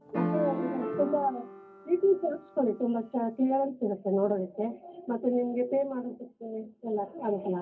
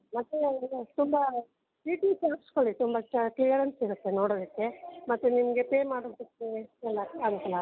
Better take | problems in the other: second | background sound (Piano); 6 dB below the speech // room echo; dies away in 0.3 s

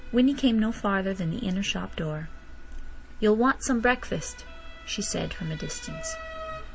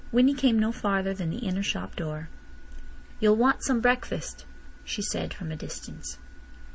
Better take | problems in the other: second | background sound (Motor vehicle (road) / Siren); 18 dB below the speech

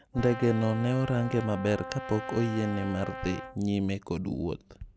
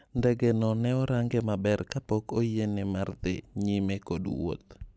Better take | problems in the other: second | background sound (Brass instrument); 11 dB below the speech

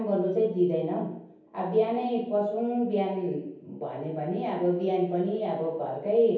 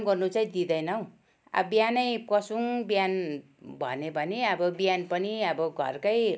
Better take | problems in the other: second | room echo; dies away in 0.9 s

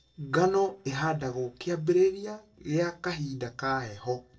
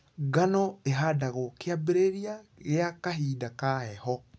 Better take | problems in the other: second | noise reduction (neural separator model SepFormer DNS4)

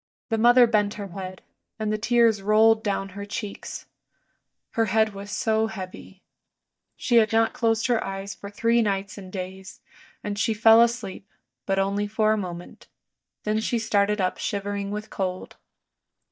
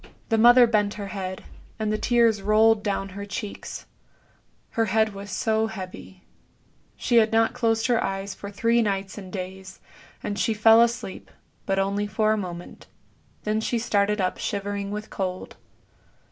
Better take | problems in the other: second | noise reduction (neural mask model DeepFilterNet 3)

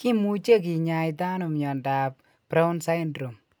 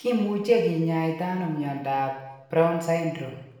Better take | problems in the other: first | room echo; dies away in 0.9 s

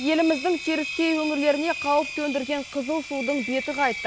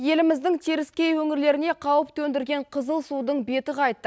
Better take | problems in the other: second | background sound (Engine); 9 dB below the speech

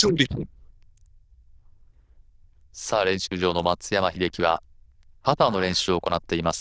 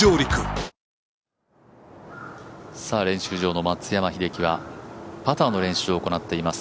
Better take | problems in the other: second | noise reduction (neural diffusion model UNIVERSE++)

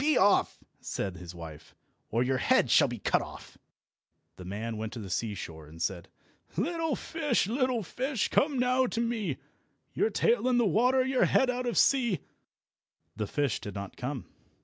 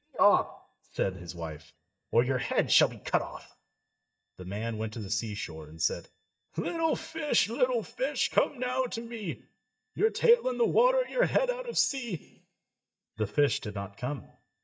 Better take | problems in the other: first | noise reduction (neural mask model DeepFilterNet 3)

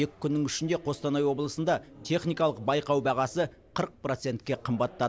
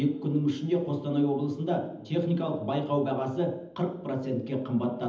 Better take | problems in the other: first | room echo; dies away in 0.8 s

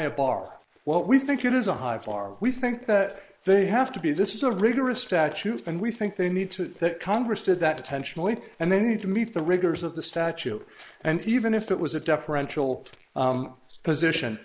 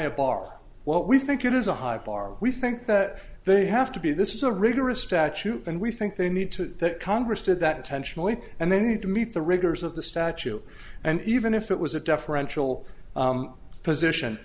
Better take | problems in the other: second | noise reduction (neural mask model Resemble Enhance denoiser)

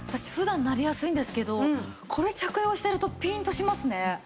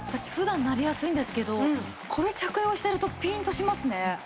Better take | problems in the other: first | background sound (Applause / Crowd); 15 dB below the speech

